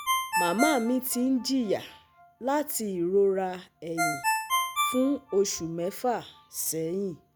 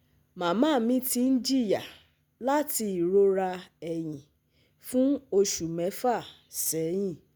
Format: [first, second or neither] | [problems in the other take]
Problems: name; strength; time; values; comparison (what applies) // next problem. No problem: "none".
second | background sound (Ringtone); 5 dB below the speech